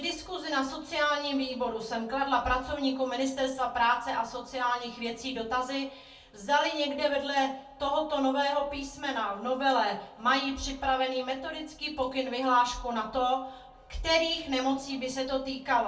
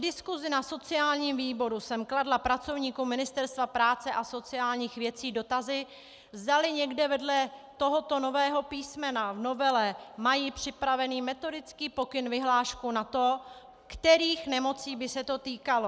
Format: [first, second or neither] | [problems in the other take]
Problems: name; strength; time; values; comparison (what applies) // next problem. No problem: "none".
second | room echo; dies away in 0.3 s